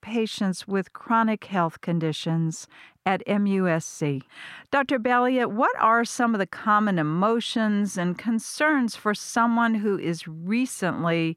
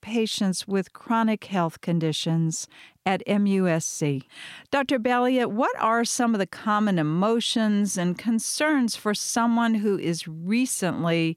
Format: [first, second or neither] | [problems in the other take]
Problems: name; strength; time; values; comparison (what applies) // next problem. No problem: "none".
second | muffled; slightly; fading above 3 kHz